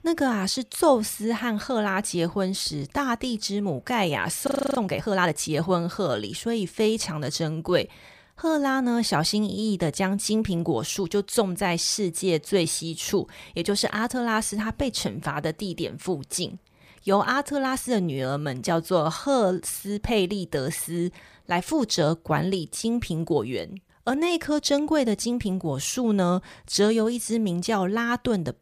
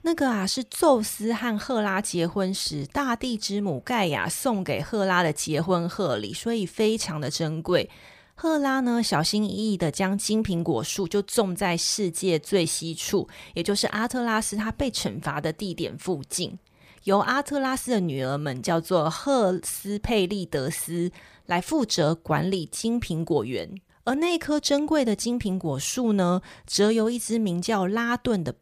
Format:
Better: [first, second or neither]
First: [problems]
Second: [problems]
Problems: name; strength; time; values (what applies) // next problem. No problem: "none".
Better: second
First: audio freezing; at 4.5 s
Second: none